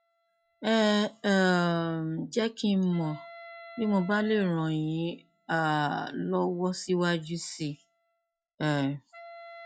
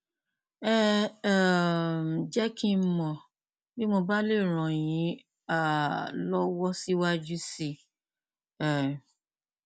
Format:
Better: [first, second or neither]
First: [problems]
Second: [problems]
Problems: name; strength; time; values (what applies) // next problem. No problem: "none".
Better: second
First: noise reduction (classical method log-MMSE)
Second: none